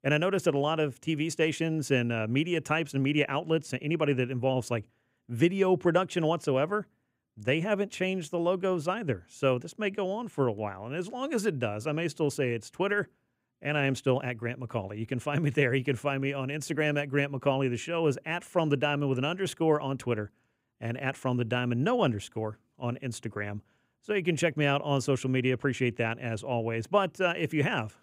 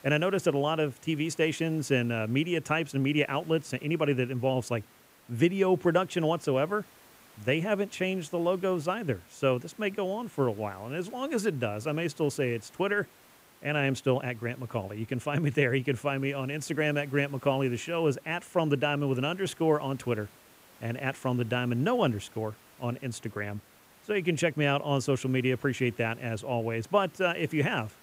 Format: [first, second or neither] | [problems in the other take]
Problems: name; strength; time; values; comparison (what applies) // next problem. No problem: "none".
first | hiss; faint; throughout; 25 dB below the speech